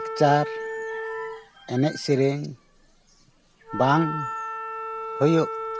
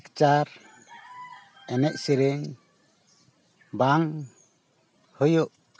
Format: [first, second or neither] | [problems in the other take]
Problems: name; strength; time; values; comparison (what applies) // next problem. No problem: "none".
second | background sound (Wind instrument, woodwind instrument); 8 dB below the speech